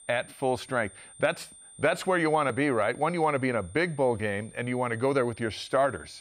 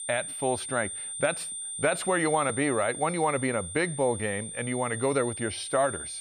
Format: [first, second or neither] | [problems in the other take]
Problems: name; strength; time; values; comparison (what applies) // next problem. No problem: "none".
first | high-pitched whine; loud; throughout; 9 kHz, 6 dB below the speech; faint in the first